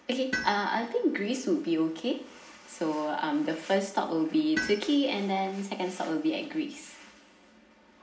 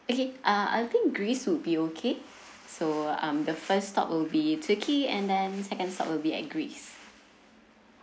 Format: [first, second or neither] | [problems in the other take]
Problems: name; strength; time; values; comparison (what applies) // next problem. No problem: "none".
second | background sound (Tools); 13 dB below the speech // room echo; dies away in 0.7 s